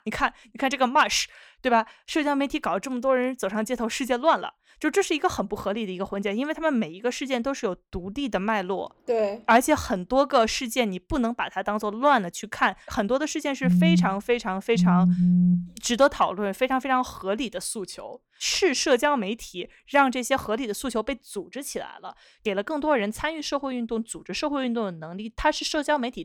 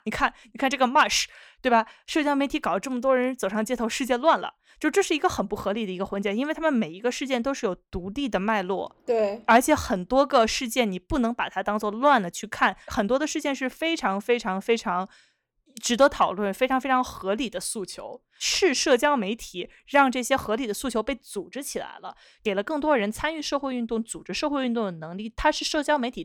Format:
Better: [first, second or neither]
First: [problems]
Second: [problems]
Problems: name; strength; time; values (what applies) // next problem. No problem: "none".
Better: second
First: phone ringing; loud; from 14 to 16 s; peak 6 dB above the speech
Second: none